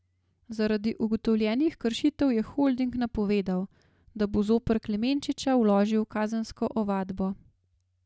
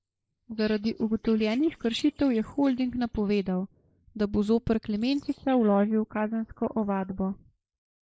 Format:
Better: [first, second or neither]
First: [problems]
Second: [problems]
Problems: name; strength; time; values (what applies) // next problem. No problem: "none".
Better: first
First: none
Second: noise reduction (neural mask model Resemble Enhance denoiser)